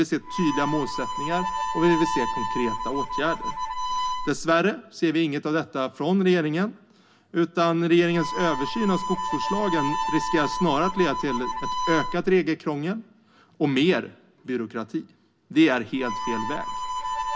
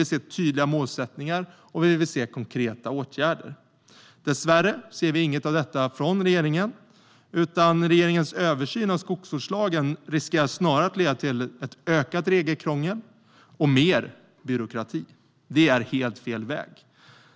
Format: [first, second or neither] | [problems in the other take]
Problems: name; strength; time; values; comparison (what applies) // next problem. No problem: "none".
second | background sound (Harmonica); 6 dB below the speech // room echo; dies away in 0.3 s